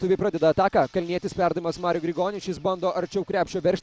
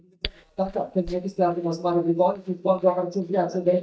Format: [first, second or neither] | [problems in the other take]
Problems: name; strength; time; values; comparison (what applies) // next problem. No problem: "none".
first | noise reduction (neural mask model DeepFilterNet 3)